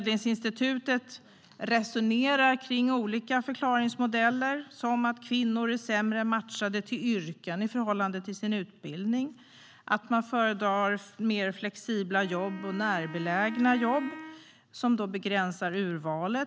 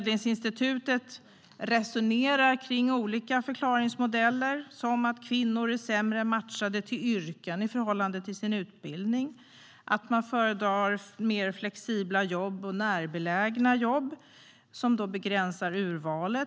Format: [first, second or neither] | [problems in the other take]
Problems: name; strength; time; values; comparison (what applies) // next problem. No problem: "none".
second | background sound (Wind instrument, woodwind instrument); 15 dB below the speech